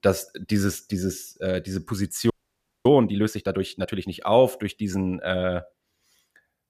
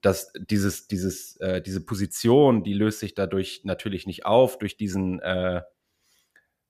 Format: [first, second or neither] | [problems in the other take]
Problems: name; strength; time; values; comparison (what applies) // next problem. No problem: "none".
second | audio freezing; at 2.5 s for 0.5 s